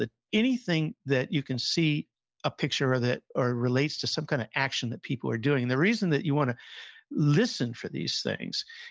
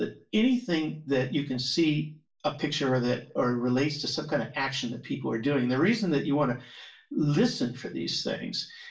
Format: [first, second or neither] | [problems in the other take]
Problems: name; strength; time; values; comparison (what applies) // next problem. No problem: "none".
first | room echo; dies away in 0.3 s